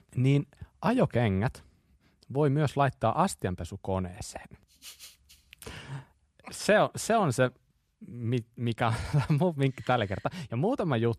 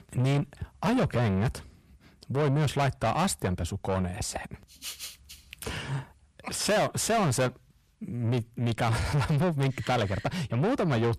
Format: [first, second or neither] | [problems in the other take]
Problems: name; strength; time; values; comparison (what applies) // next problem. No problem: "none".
first | distortion; heavy; 6 dB below the speech